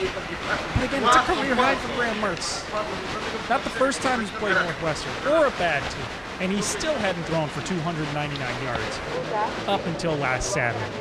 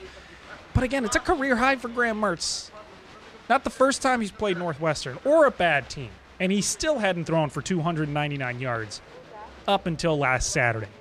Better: second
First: crowd noise; loud; throughout; 1 dB below the speech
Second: crowd noise; faint; throughout; 20 dB below the speech

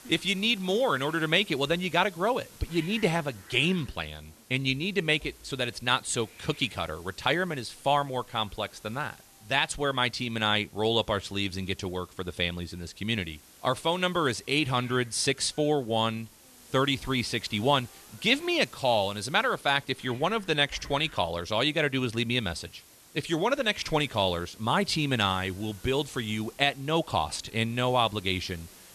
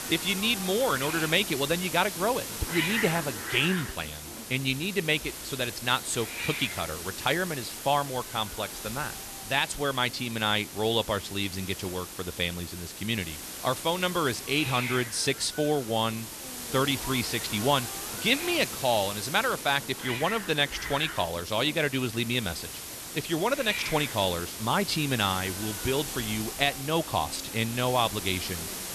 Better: first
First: hiss; faint; throughout; 25 dB below the speech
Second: hiss; loud; throughout; 7 dB below the speech

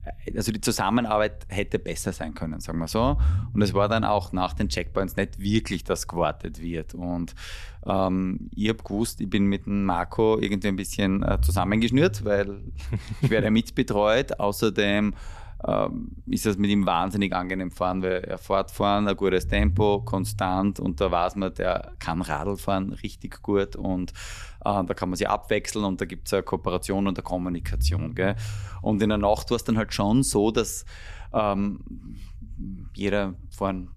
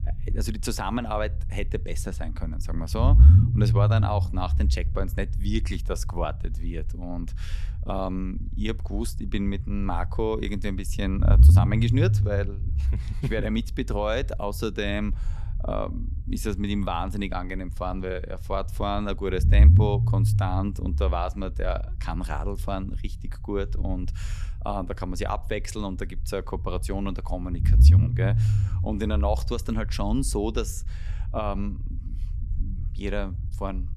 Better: first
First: low rumble; faint; throughout; 25 dB below the speech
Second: low rumble; loud; throughout; 8 dB below the speech

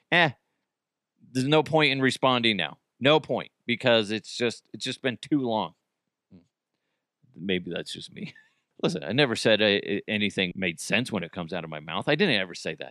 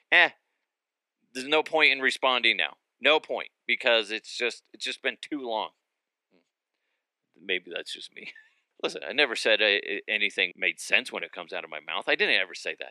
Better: first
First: none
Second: thin; somewhat; fading below 350 Hz

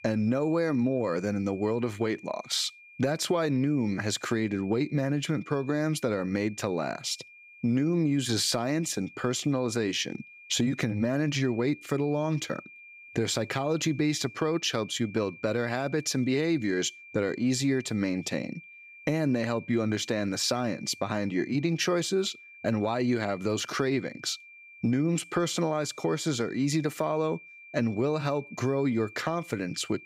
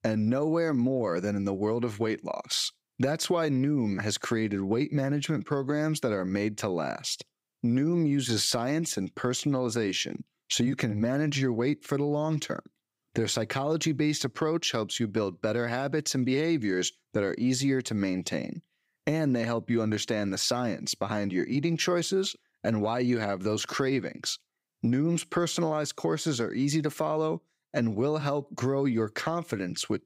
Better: second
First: high-pitched whine; noticeable; throughout; 2.5 kHz, 20 dB below the speech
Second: none

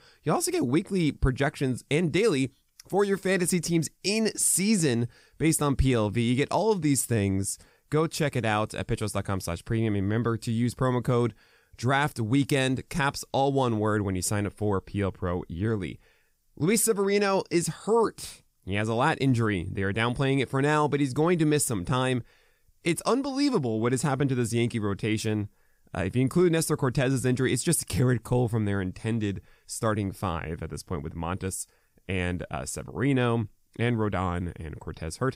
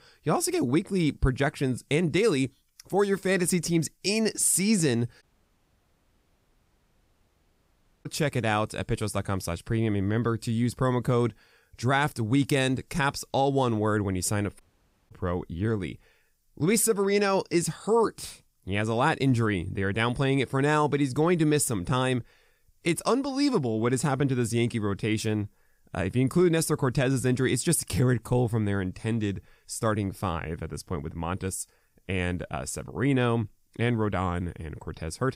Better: first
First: none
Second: audio cutting out; at 5 s for 3 s and at 15 s for 0.5 s

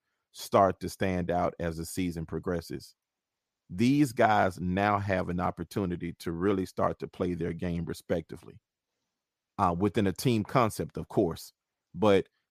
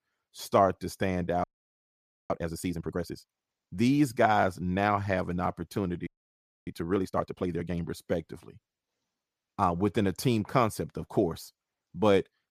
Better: first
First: none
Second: audio freezing; at 1.5 s for 1 s and at 6 s for 0.5 s

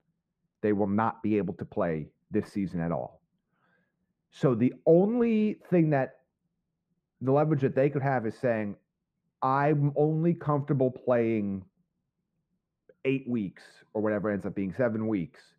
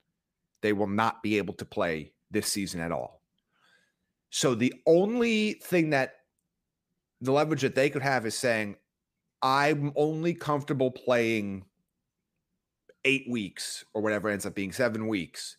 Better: second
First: muffled; very; fading above 2.5 kHz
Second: none

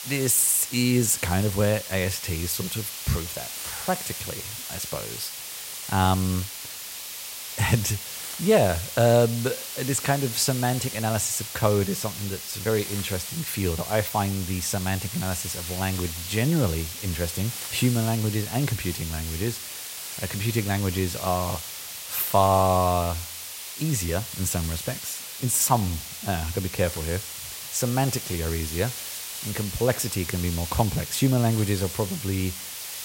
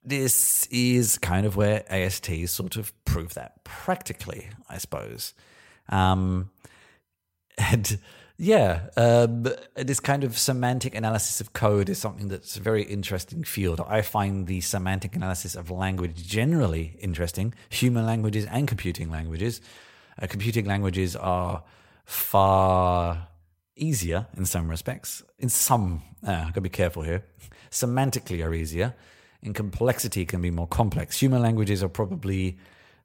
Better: second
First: hiss; loud; throughout; 7 dB below the speech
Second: none

